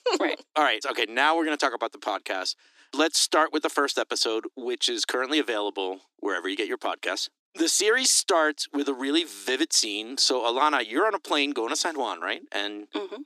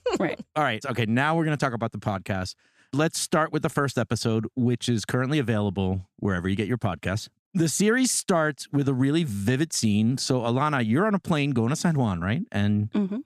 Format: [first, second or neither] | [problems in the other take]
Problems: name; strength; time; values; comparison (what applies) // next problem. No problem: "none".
second | thin; very; fading below 300 Hz